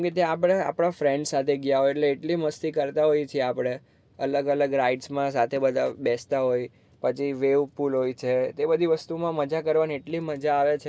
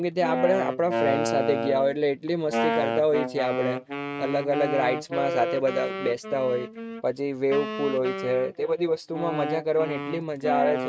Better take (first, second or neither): first